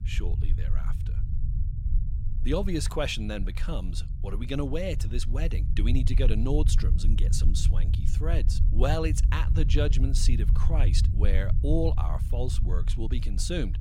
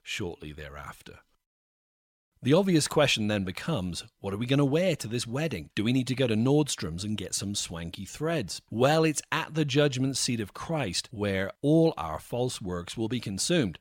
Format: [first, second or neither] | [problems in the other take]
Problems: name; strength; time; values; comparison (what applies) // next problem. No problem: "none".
second | low rumble; noticeable; throughout; 10 dB below the speech